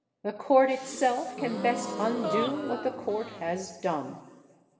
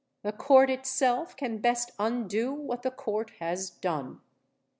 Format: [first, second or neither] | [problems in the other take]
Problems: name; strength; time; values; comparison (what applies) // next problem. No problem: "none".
second | background sound (Gasp); 7 dB below the speech // room echo; dies away in 1.8 s